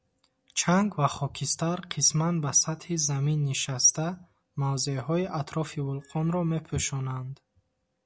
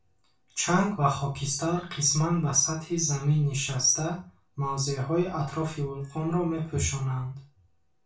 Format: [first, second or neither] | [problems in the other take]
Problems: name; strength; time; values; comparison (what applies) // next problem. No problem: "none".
first | room echo; dies away in 0.3 s